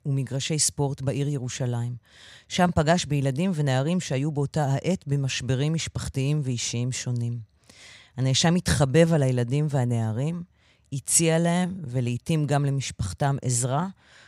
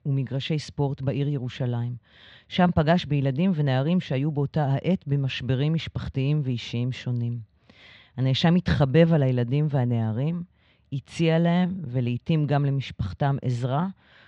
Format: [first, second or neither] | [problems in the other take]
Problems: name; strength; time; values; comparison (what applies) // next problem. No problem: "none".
first | muffled; slightly; fading above 3.5 kHz